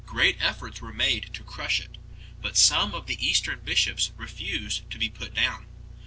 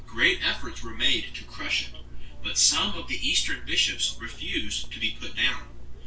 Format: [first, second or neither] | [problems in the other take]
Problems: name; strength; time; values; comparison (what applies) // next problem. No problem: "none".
first | background sound (Chirp, tweet); 17 dB below the speech // room echo; dies away in 0.2 s